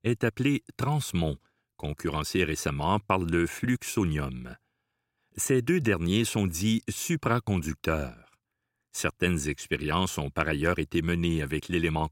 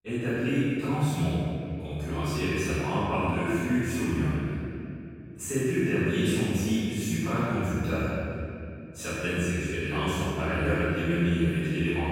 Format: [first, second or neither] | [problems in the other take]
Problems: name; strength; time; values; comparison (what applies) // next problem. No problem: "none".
first | room echo; strong; dies away in 2.5 s // off-mic speech; far